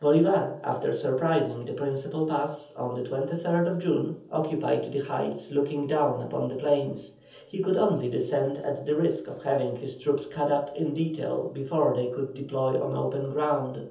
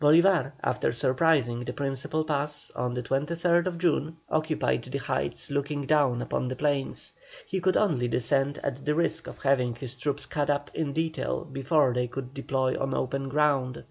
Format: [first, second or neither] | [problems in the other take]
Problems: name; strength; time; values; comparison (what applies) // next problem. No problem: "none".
second | room echo; dies away in 0.7 s